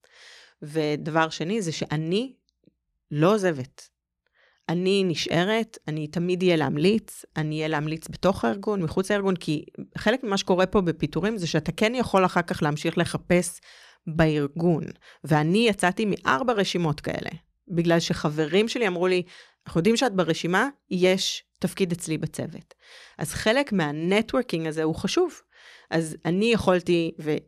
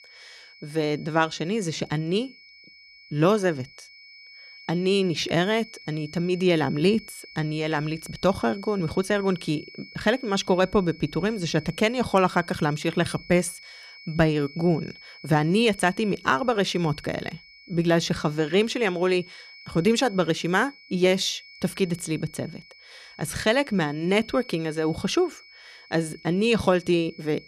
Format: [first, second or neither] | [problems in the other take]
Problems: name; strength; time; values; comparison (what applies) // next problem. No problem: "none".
first | high-pitched whine; faint; throughout; 2 kHz, 20 dB below the speech